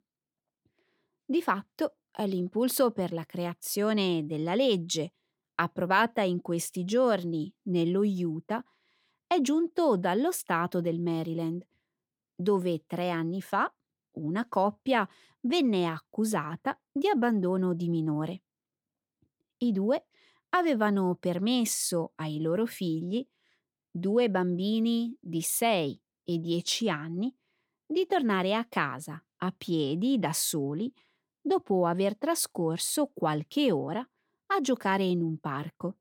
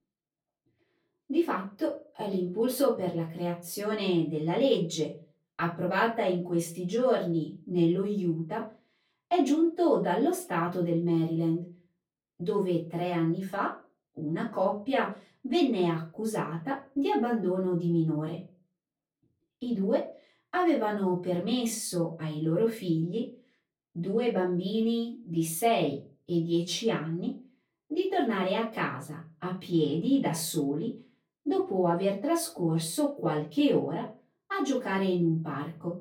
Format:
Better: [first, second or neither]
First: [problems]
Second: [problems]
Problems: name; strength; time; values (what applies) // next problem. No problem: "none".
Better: first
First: none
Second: off-mic speech; far // room echo; very slight; dies away in 0.3 s